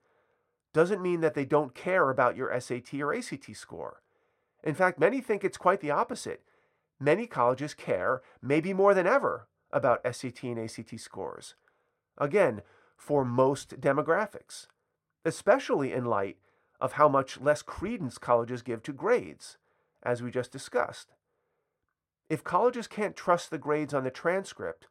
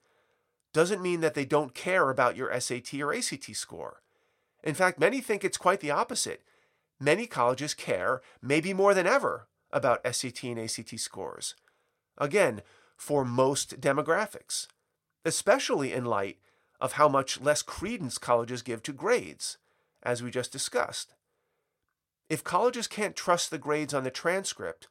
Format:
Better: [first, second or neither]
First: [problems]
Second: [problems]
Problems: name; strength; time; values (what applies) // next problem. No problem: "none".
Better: second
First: muffled; slightly; fading above 2.5 kHz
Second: none